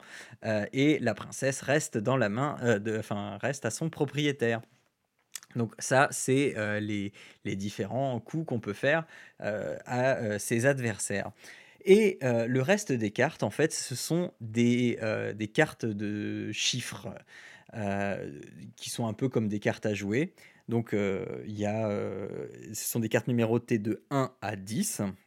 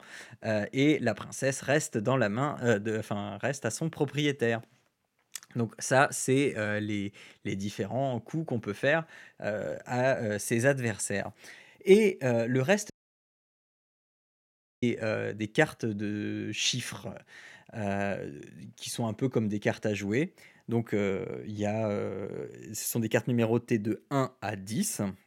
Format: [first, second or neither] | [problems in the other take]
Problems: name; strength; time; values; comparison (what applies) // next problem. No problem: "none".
first | audio cutting out; at 13 s for 2 s